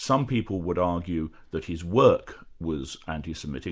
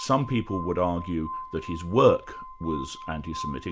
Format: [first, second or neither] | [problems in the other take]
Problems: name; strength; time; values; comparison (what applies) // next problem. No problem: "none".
first | background sound (Glass); 12 dB below the speech